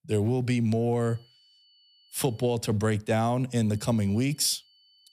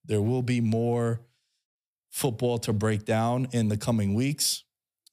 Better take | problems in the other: second | high-pitched whine; faint; from 1 to 2.5 s and from 4 s on; 3 kHz, 30 dB below the speech

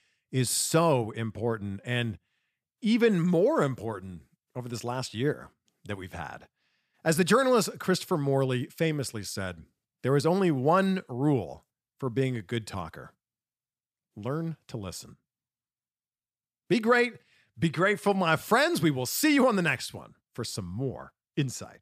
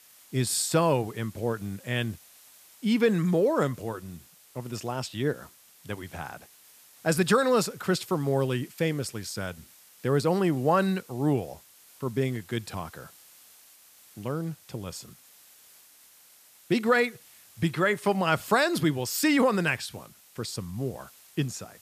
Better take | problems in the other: first | hiss; faint; throughout; 25 dB below the speech

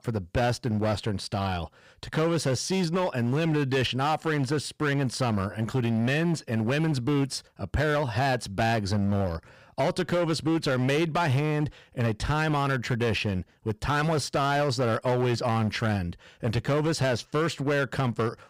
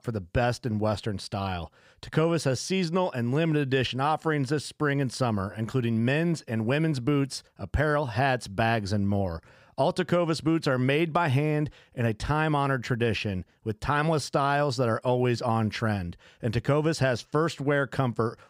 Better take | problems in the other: second | distortion; slight; 14% of the sound clipped

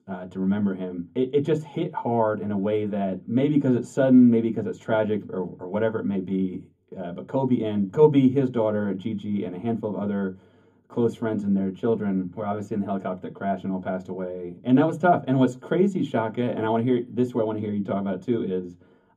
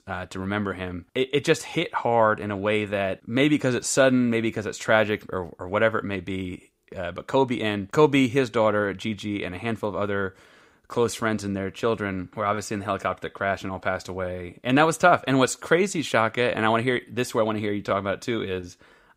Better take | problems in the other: second | room echo; very slight; dies away in 0.3 s // off-mic speech; far

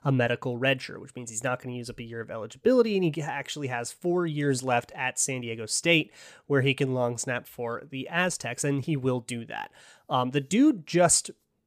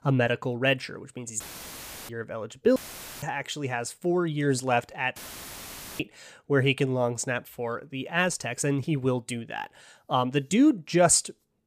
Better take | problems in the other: first | audio cutting out; filled with static; at 1.5 s for 0.5 s, at 3 s and at 5 s for 1 s

